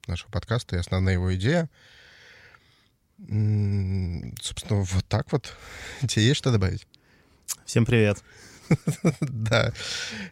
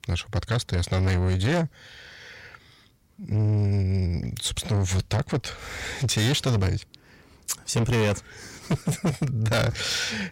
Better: first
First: none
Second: distortion; heavy; 7 dB below the speech

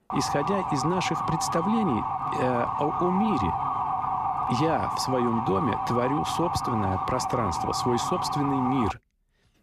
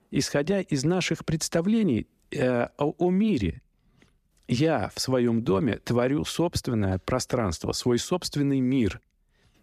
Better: second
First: siren; loud; until 9 s; peak 1 dB above the speech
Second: none

